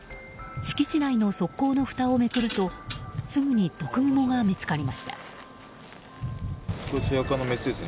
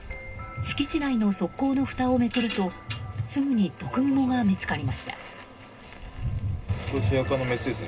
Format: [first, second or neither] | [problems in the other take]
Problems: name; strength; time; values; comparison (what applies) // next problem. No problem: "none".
first | background sound (Rain); 18 dB below the speech // room echo; dies away in 0.2 s